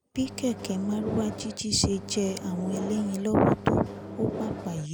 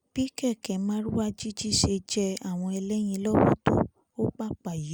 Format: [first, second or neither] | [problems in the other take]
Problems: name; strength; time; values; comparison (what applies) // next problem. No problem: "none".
second | background sound (Microwave oven); 10 dB below the speech